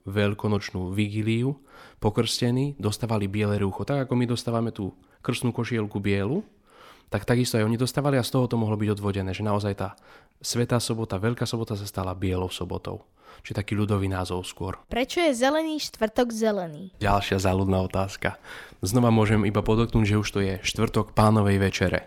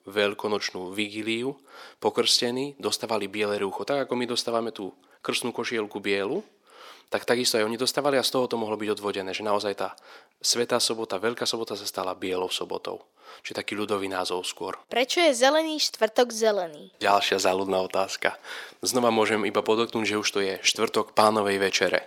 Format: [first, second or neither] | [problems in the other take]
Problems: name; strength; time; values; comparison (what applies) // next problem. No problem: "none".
first | thin; somewhat; fading below 400 Hz